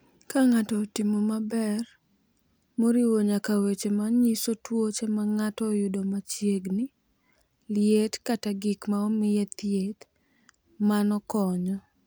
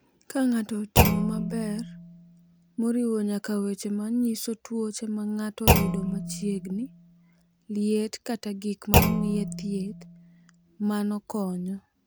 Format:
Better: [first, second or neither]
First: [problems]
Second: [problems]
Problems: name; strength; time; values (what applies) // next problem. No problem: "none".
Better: first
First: none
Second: background sound (Thump, thud); 1 dB above the speech